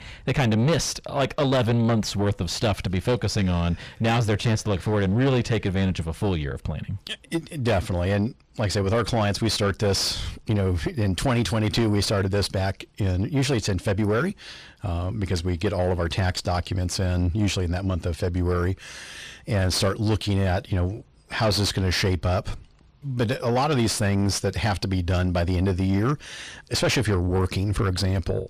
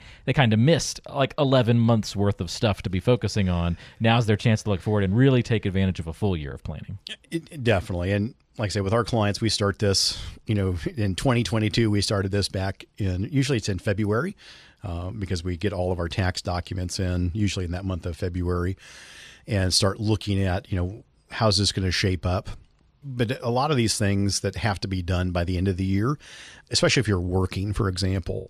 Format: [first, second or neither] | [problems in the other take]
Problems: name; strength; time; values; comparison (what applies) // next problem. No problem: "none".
second | distortion; heavy; 7 dB below the speech